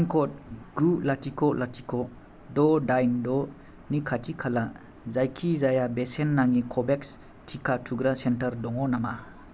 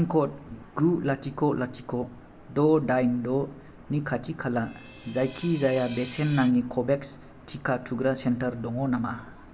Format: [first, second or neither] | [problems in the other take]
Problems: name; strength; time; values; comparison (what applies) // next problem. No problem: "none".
first | background sound (Screech); 20 dB below the speech // room echo; dies away in 1.2 s